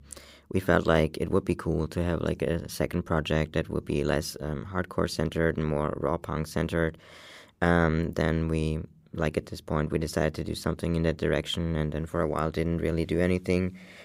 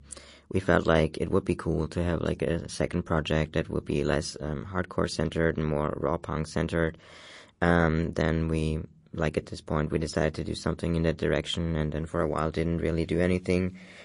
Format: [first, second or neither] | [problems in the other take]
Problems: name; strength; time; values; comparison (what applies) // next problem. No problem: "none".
first | garbled, watery; slightly; nothing above 10.5 kHz